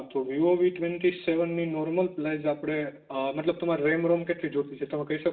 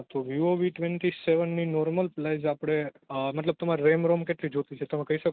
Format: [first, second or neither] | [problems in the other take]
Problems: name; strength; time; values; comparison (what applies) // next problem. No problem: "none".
second | room echo; dies away in 0.6 s